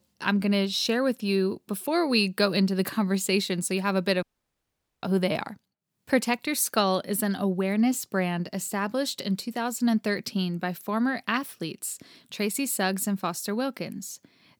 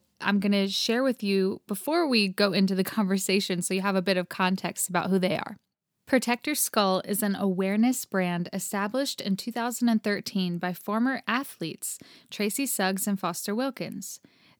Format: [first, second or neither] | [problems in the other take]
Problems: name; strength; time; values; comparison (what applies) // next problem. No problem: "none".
second | audio cutting out; at 4 s for 1 s